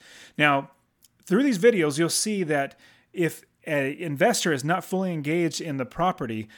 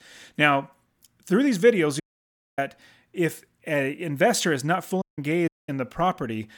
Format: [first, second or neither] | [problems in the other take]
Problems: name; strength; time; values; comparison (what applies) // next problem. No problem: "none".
first | audio cutting out; at 2 s for 0.5 s, at 5 s and at 5.5 s